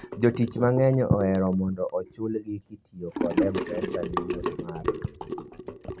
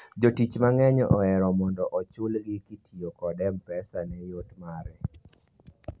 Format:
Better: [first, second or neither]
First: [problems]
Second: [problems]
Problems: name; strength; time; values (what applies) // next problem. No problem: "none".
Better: second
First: background sound (Sink (filling or washing) / Gurgling); 6 dB below the speech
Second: none